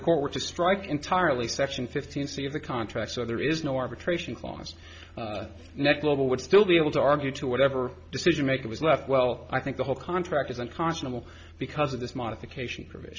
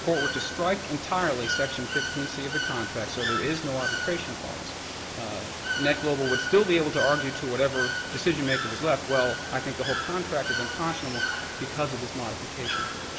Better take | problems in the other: first | background sound (Water / Bird); 3 dB below the speech

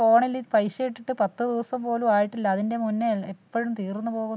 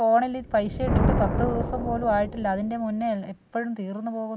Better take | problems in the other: first | background sound (Thunder); 3 dB below the speech

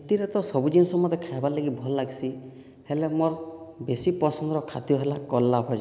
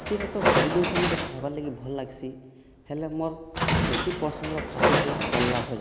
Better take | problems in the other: first | background sound (Train); 3 dB above the speech

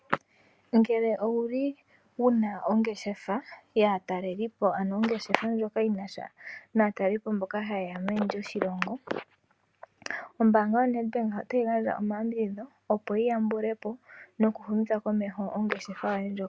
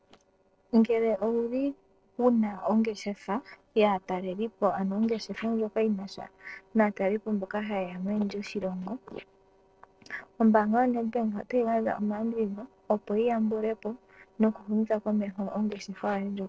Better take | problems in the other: first | noise reduction (neural separator model SepFormer DNS4)

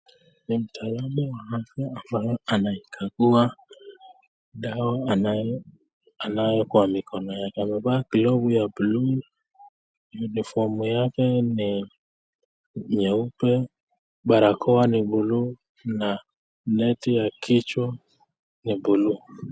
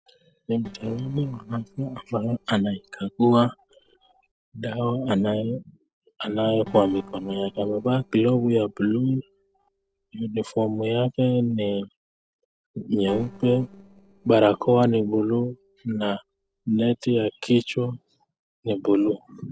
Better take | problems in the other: first | noise reduction (neural separator model SepFormer DNS4)

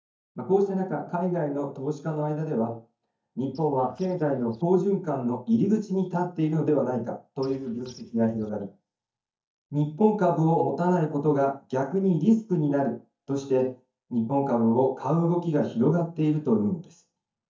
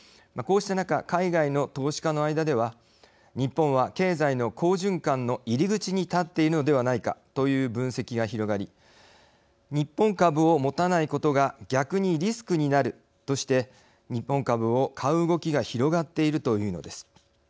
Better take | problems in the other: second | noise reduction (neural mask model DeepFilterNet 3)

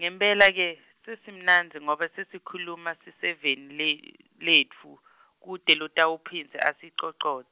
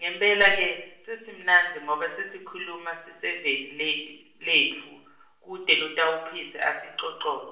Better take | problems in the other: first | room echo; dies away in 0.6 s

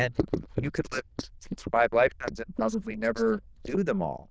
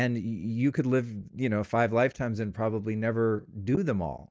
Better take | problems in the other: second | noise reduction (neural diffusion model UNIVERSE++)

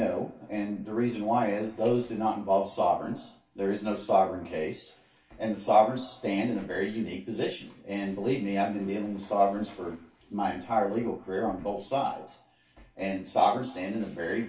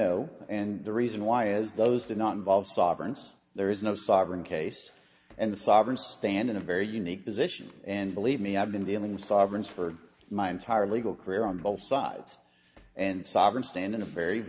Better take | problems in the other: second | room echo; dies away in 0.2 s

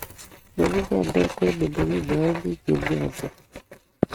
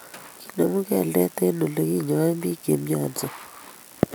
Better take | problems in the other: second | noise reduction (neural mask model RNNoise)

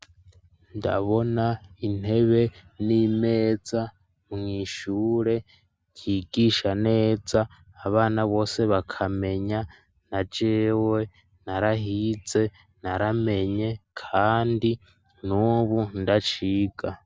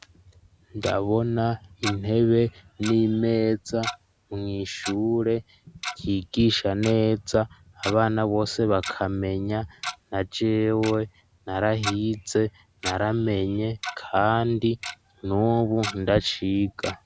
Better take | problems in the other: first | background sound (Tick-tock); 14 dB below the speech

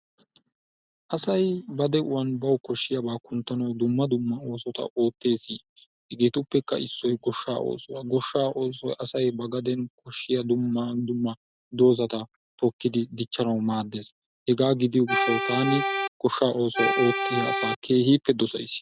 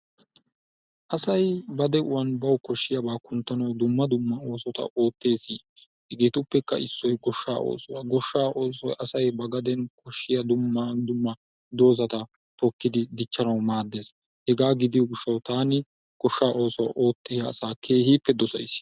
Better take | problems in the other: second | background sound (Accordion); as loud as the speech

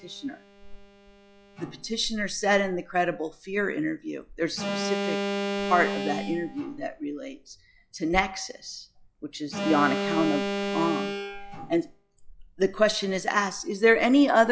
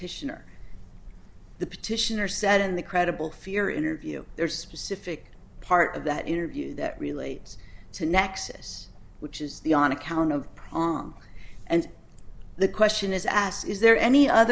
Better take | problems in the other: second | noise reduction (classical method log-MMSE)

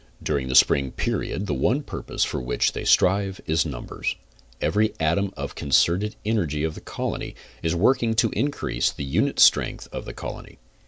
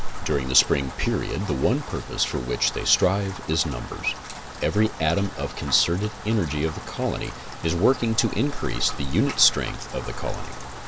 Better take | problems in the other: first | background sound (Rain); 7 dB below the speech

